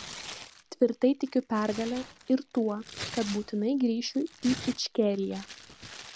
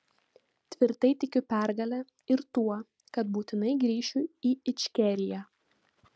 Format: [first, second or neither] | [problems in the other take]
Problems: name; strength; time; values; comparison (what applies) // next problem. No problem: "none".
second | background sound (Tearing); 14 dB below the speech